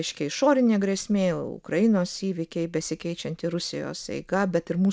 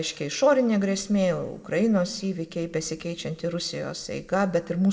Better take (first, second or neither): first